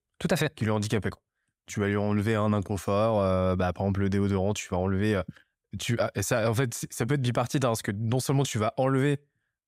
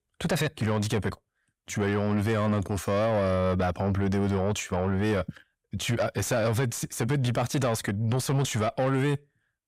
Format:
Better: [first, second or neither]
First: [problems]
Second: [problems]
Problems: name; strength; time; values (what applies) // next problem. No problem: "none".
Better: first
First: none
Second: distortion; slight; 10 dB below the speech